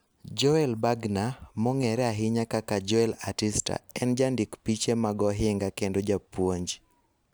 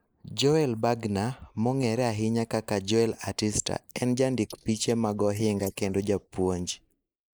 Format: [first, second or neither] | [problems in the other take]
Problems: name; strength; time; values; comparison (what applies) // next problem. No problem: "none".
first | noise reduction (neural mask model Resemble Enhance denoiser)